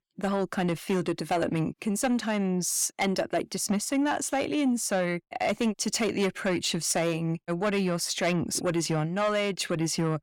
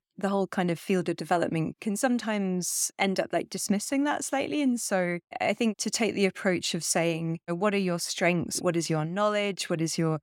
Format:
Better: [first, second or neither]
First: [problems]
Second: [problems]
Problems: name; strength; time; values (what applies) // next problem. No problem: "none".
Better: second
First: distortion; slight; 10 dB below the speech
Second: none